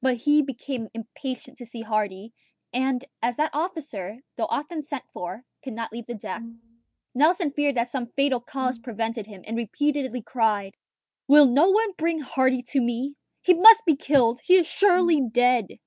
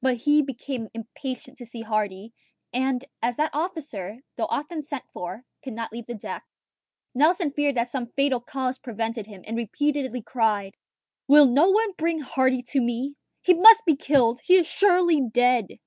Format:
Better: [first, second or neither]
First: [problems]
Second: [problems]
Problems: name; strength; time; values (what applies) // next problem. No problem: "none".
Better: second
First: background sound (Brass instrument); 17 dB below the speech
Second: none